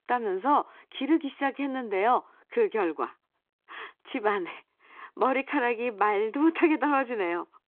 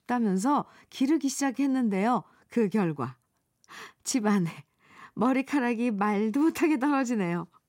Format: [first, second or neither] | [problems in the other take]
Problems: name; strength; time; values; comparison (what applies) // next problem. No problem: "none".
second | phone-call audio